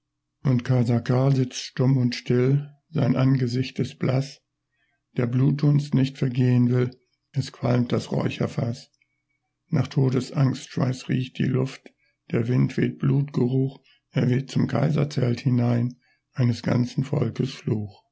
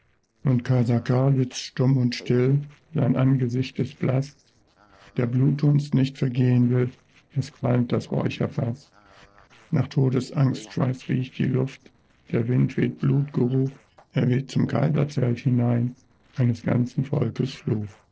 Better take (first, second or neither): first